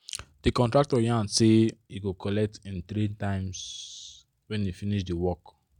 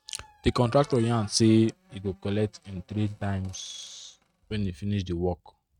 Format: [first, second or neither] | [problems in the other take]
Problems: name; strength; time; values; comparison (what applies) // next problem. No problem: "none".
first | noise reduction (neural mask model RNNoise)